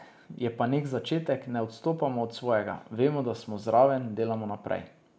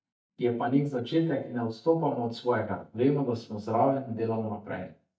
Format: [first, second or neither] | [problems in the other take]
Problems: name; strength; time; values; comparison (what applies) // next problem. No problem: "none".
first | noise reduction (neural mask model DeepFilterNet 3)